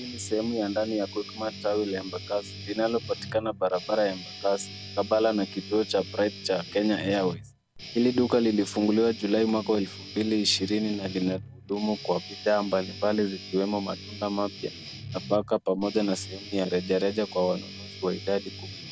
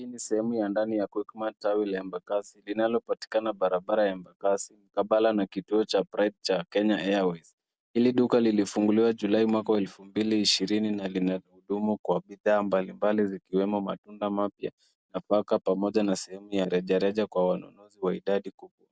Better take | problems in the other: second | background sound (Guitar); 13 dB below the speech

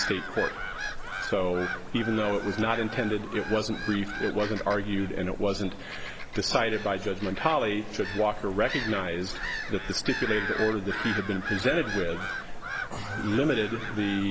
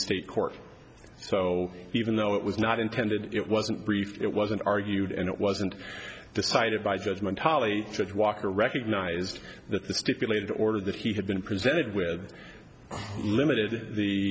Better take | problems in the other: second | background sound (Gull, seagull / Bird vocalization, bird call, bird song); 6 dB below the speech

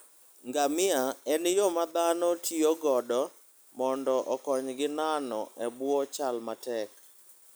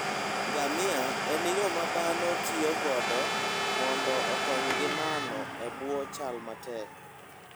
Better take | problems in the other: first | background sound (Trumpet + Domestic sounds, home sounds); 2 dB above the speech

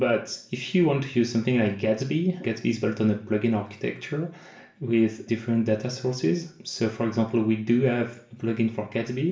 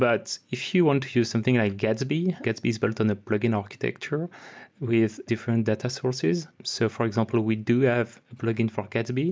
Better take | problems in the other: second | room echo; dies away in 0.5 s

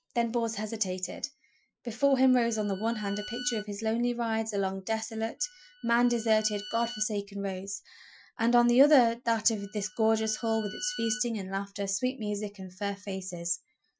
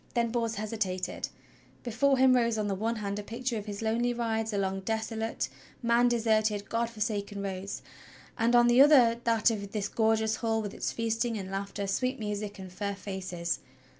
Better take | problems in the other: second | noise reduction (classical method Wiener filter)

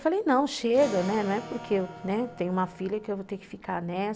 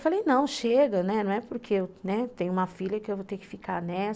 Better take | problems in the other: second | background sound (Electric guitar / Acoustic guitar); 16 dB below the speech

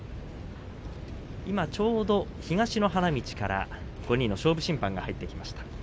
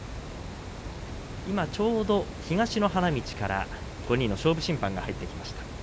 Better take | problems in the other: first | background sound (Water); 15 dB below the speech

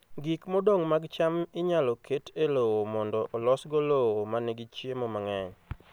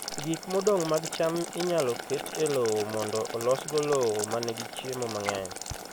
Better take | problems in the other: first | background sound (Boiling); 8 dB below the speech

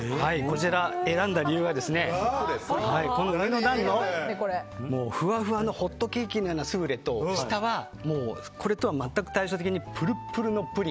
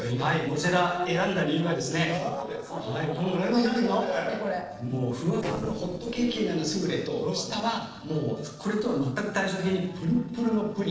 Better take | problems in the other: first | noise reduction (neural separator model SepFormer DNS4)

